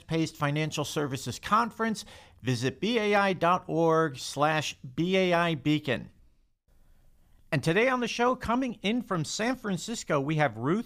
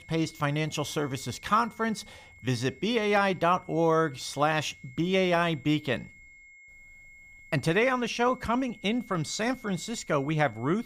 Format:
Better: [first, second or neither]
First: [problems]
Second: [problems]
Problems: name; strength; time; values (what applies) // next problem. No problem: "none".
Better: first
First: none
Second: high-pitched whine; faint; throughout; 2 kHz, 25 dB below the speech